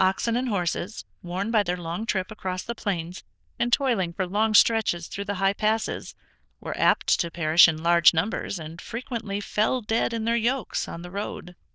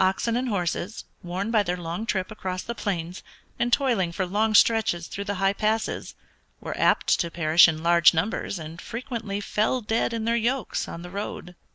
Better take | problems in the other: second | noise reduction (neural diffusion model UNIVERSE++)

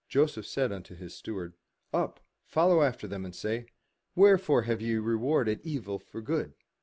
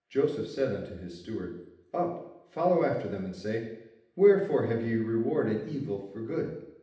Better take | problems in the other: first | room echo; dies away in 0.8 s

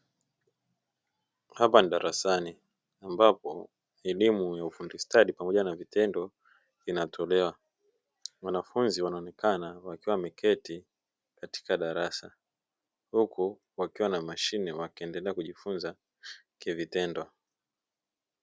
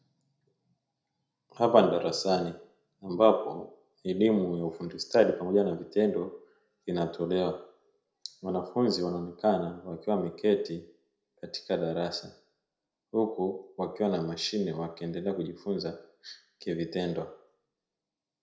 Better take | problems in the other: first | room echo; dies away in 0.5 s

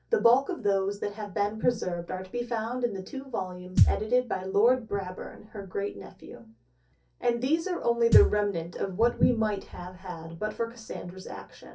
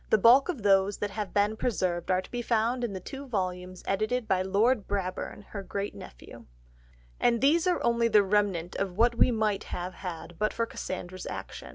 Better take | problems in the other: second | background sound (Thump, thud); 2 dB above the speech // room echo; dies away in 0.3 s

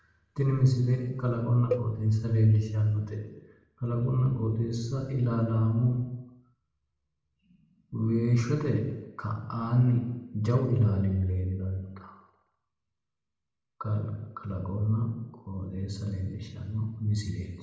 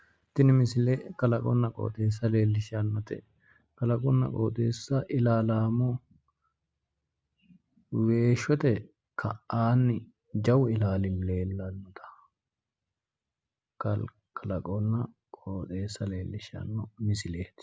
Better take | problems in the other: second | background sound (Cowbell); 10 dB below the speech // room echo; dies away in 0.9 s

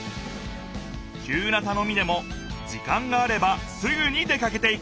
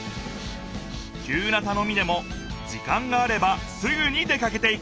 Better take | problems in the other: first | background sound (Breathing); 20 dB below the speech

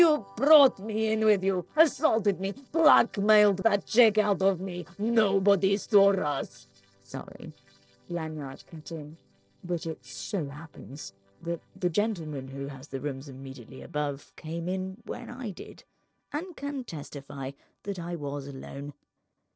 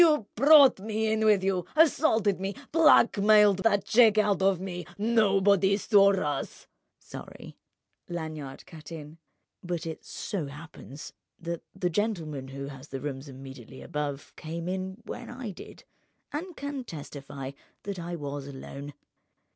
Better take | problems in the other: second | noise reduction (neural separator model SepFormer DNS4)

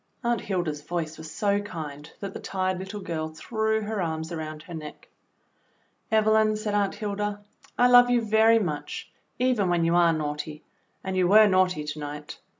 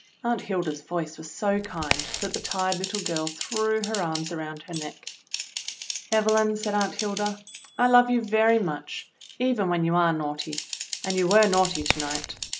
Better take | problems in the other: first | background sound (Typing + Crack); 9 dB below the speech

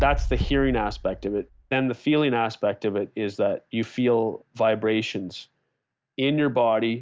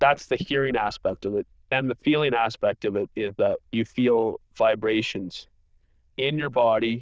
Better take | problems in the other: first | noise reduction (neural diffusion model UNIVERSE++)

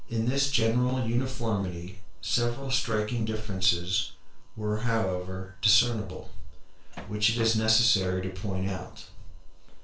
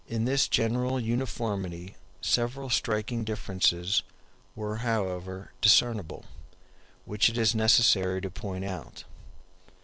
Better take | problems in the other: second | background sound (Bass drum); 17 dB below the speech // room echo; dies away in 0.3 s

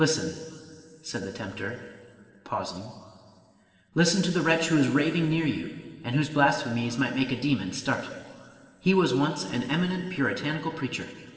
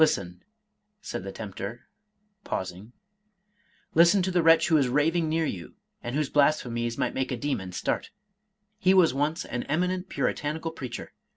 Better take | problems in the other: second | room echo; dies away in 2.9 s

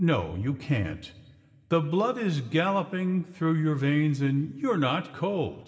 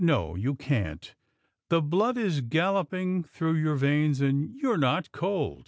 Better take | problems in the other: second | room echo; dies away in 1.3 s

